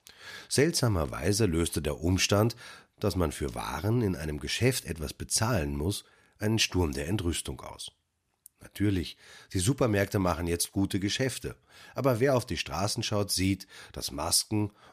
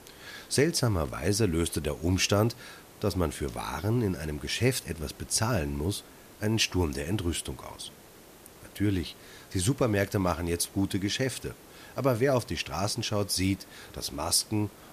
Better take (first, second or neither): first